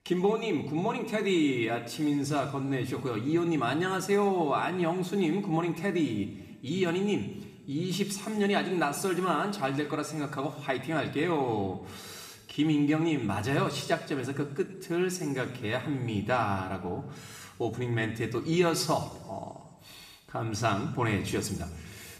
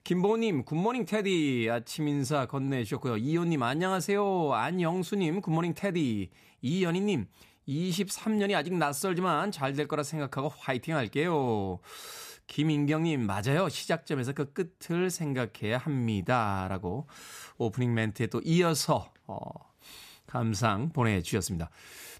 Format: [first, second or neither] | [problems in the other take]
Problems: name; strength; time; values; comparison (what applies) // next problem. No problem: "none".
second | room echo; slight; dies away in 1.4 s // off-mic speech; somewhat distant